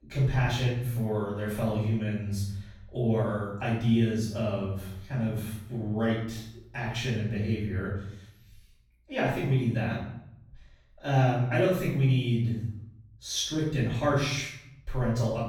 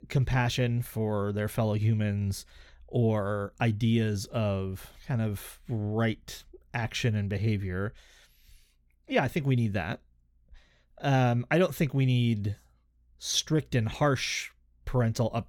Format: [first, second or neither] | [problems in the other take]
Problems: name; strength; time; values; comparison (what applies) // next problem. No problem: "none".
second | off-mic speech; far // room echo; noticeable; dies away in 0.7 s